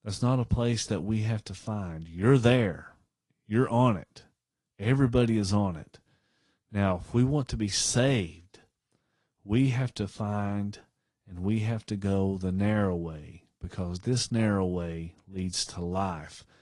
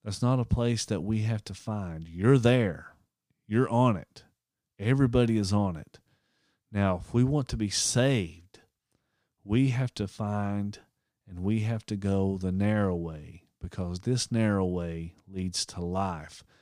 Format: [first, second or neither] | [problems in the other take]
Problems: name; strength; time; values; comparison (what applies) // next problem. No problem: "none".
second | garbled, watery; slightly